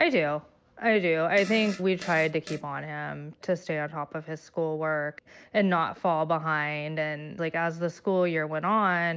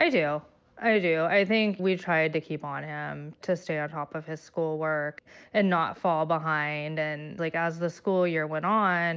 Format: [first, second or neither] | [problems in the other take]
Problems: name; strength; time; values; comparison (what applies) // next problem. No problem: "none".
second | background sound (Fart); 15 dB below the speech